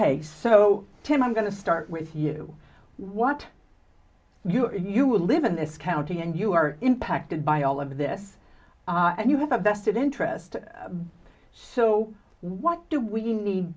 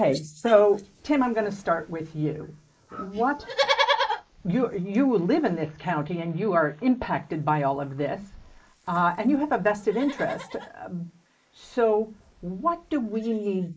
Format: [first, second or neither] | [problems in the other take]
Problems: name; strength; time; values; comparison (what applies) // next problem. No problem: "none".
first | noise reduction (neural mask model Resemble Enhance denoiser)